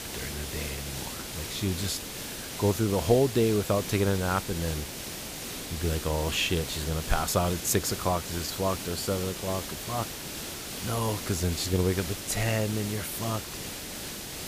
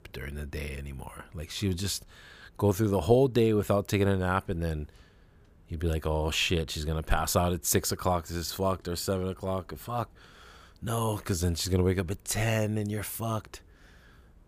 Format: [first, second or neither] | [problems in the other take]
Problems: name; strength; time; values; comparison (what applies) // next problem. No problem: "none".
second | hiss; loud; throughout; 6 dB below the speech